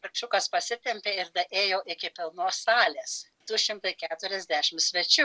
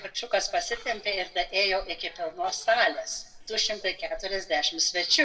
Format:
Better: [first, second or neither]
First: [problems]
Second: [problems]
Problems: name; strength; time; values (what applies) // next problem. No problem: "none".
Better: first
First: none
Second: noise reduction (neural separator model SepFormer DNS4)